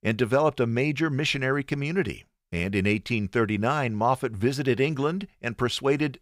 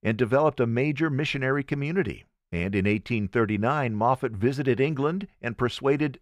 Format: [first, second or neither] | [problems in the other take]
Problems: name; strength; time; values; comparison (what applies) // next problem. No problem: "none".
first | muffled; slightly; fading above 3 kHz